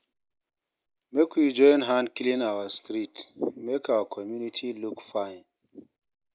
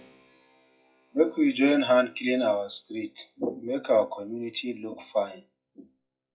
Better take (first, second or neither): first